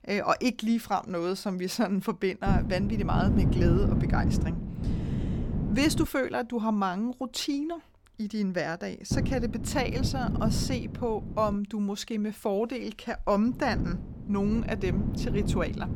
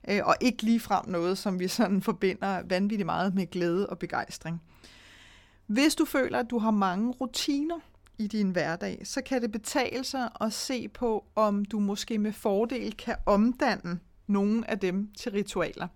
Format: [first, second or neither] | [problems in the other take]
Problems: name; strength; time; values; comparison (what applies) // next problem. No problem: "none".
second | wind noise on the microphone; heavy; from 2.5 to 6 s, from 9 to 12 s and from 13 s on; 8 dB below the speech